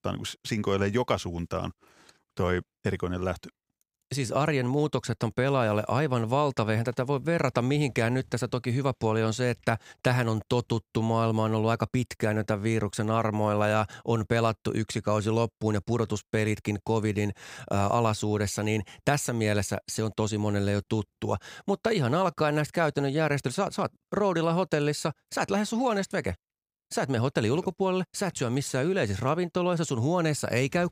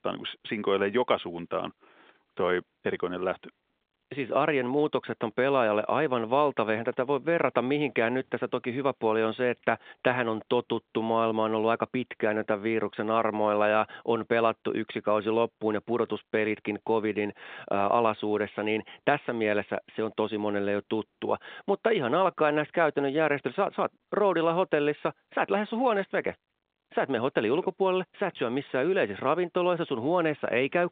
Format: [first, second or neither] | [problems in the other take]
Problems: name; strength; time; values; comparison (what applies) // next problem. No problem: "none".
first | phone-call audio; nothing above 3.5 kHz